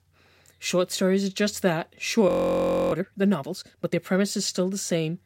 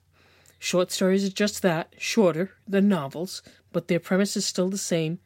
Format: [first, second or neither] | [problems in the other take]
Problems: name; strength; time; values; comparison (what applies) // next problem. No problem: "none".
second | audio freezing; at 2.5 s for 0.5 s